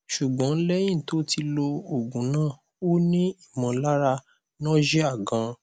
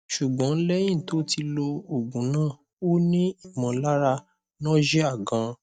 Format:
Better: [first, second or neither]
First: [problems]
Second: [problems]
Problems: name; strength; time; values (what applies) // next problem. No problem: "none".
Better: first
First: none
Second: noise reduction (neural mask model DeepFilterNet 3)